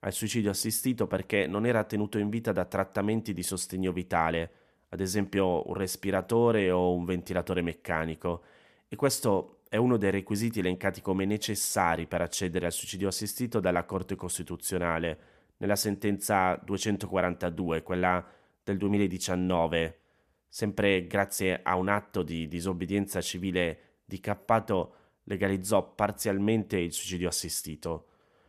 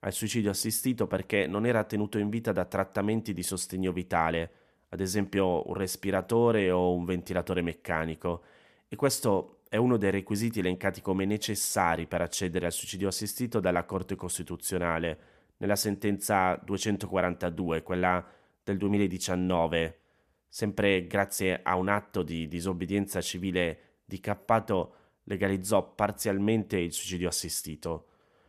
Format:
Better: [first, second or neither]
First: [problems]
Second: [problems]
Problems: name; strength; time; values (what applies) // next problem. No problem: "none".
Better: neither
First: none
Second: none